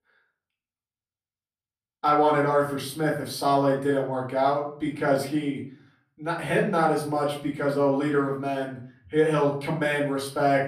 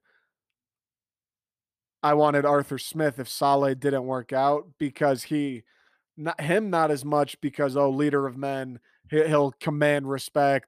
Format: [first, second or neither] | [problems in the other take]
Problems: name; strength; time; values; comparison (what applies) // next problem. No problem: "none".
second | off-mic speech; far // room echo; slight; dies away in 0.4 s